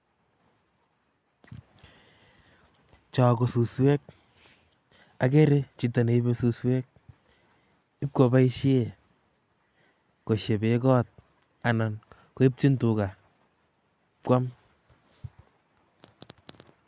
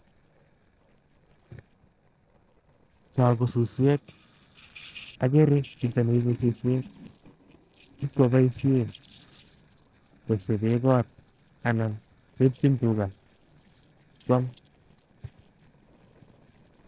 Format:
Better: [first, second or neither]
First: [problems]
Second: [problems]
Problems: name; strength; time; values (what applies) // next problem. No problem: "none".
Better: first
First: none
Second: noise reduction (neural separator model SepFormer DNS4)